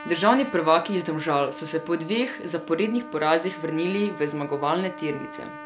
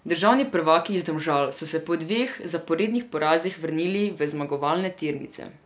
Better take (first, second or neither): second